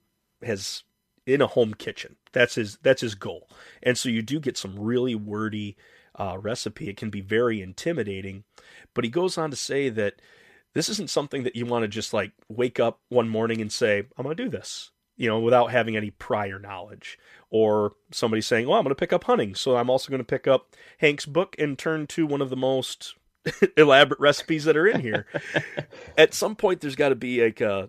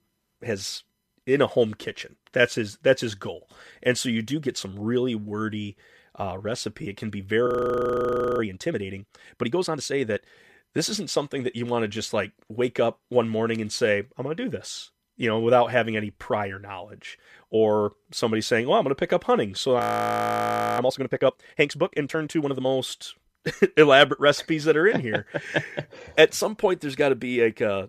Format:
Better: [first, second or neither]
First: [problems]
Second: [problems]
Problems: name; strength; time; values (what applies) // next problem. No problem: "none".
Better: first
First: none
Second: audio freezing; at 7.5 s for 1 s and at 20 s for 1 s